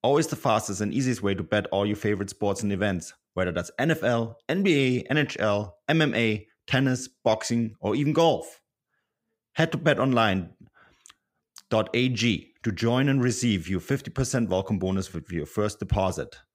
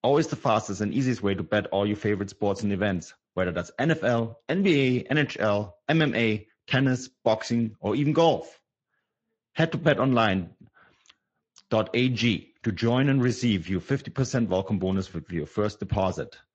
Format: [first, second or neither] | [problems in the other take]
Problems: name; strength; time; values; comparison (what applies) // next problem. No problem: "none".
first | garbled, watery; slightly